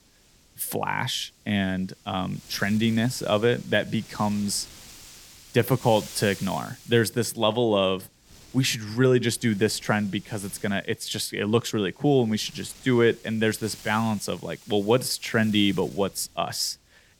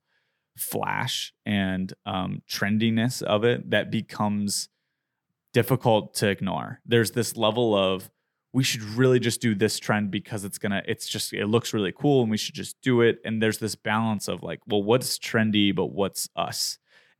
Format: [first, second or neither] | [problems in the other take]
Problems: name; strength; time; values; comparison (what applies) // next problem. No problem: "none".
second | wind noise on the microphone; occasional gusts; 20 dB below the speech